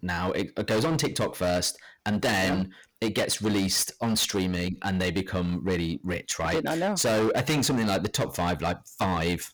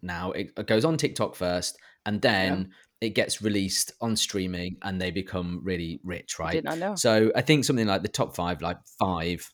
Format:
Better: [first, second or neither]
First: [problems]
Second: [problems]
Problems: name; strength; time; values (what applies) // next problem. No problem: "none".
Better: second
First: distortion; heavy; 17% of the sound clipped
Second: none